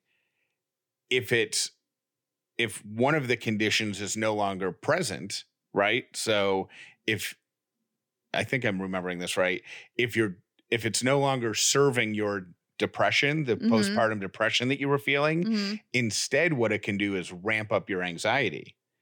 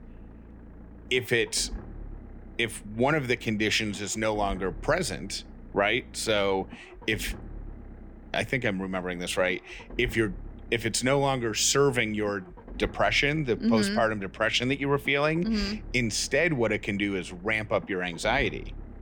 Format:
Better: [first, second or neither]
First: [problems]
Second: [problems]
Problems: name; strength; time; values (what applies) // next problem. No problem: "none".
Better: first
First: none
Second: low rumble; faint; throughout; 25 dB below the speech